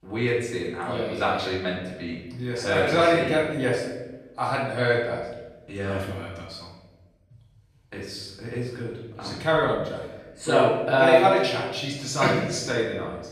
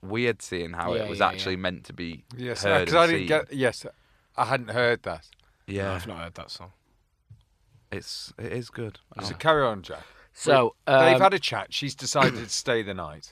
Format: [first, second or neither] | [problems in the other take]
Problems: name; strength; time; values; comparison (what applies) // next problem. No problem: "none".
second | off-mic speech; far // room echo; noticeable; dies away in 0.9 s